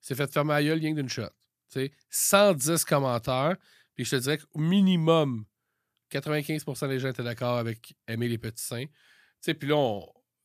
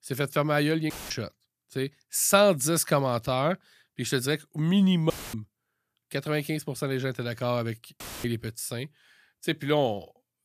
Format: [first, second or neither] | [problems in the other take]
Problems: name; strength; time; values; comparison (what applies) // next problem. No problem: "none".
first | audio cutting out; filled with static; at 1 s, at 5 s and at 8 s